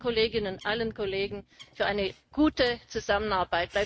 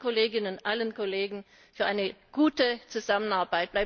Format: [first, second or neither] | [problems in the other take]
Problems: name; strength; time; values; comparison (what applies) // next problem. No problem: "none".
second | noise reduction (neural mask model RNNoise)